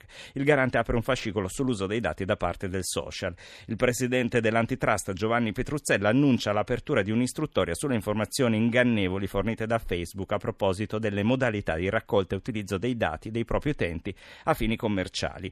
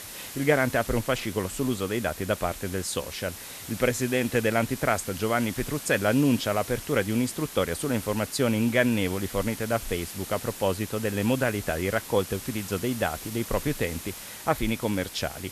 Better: first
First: none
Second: hiss; noticeable; throughout; 10 dB below the speech

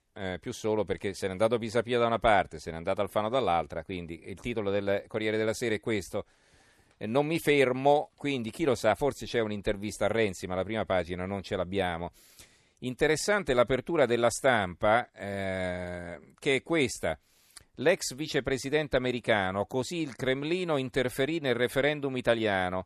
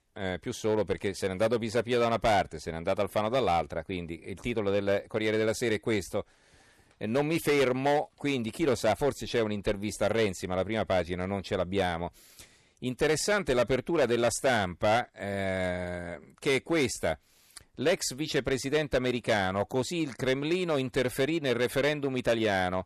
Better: first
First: none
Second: distortion; slight; 5% of the sound clipped

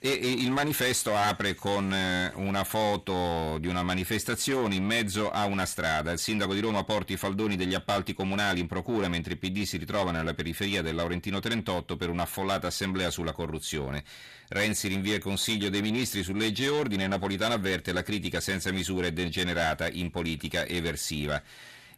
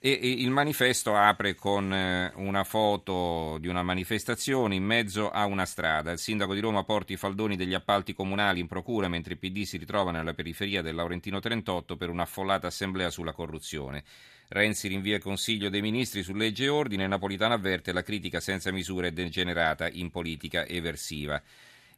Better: second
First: distortion; heavy; 7 dB below the speech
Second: none

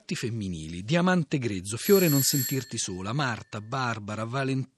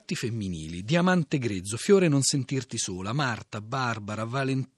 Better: second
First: doorbell; loud; at 2 s; peak 1 dB above the speech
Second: none

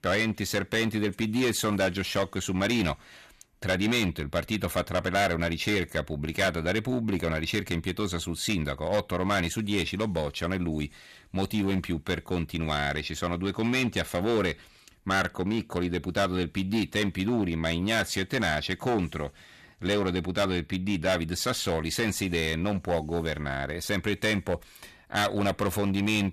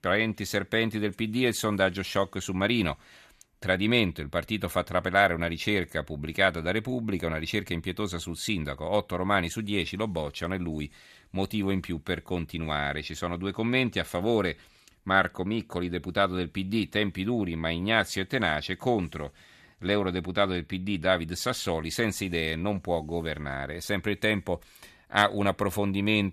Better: second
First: distortion; heavy; 8% of the sound clipped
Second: none

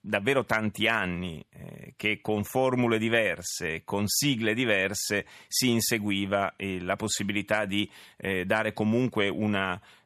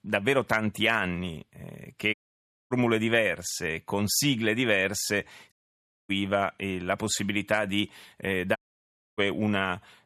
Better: first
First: none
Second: audio cutting out; at 2 s for 0.5 s, at 5.5 s for 0.5 s and at 8.5 s for 0.5 s

